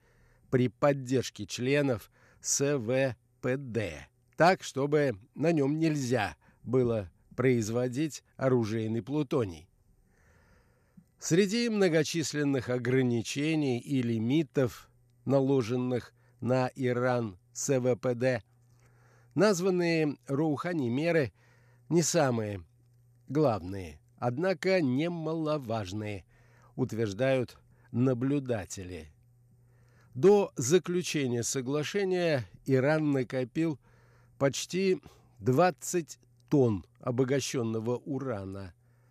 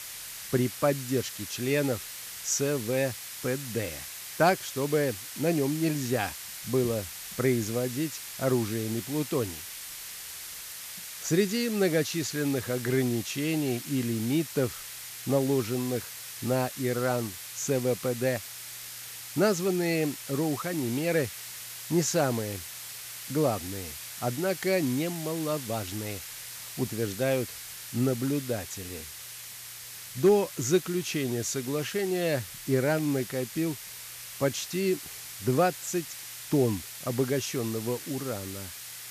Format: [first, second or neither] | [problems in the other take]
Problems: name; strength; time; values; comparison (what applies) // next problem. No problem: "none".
first | hiss; loud; throughout; 9 dB below the speech